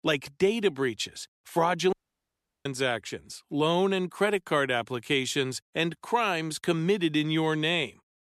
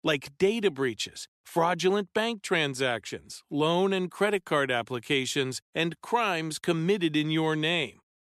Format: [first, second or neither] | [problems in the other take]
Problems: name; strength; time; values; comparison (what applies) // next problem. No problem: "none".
second | audio cutting out; at 2 s for 0.5 s